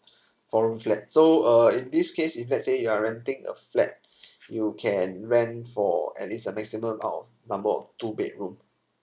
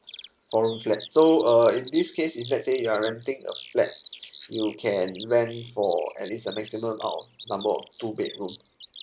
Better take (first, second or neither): first